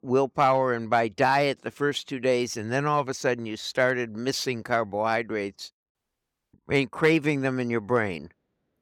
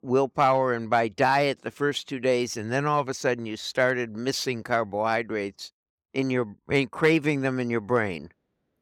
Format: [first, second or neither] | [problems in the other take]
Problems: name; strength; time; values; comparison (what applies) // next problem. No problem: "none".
second | audio cutting out; at 6 s for 0.5 s